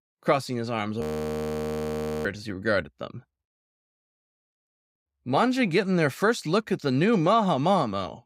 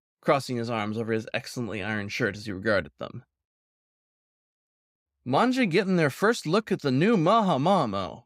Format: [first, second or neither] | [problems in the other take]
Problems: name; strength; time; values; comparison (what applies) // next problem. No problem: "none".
second | audio freezing; at 1 s for 1 s